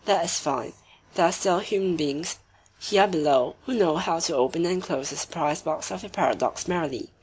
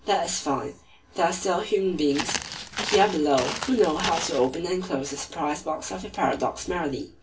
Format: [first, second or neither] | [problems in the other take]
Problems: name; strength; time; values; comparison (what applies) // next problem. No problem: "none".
first | background sound (Walk, footsteps); 6 dB below the speech // room echo; dies away in 0.2 s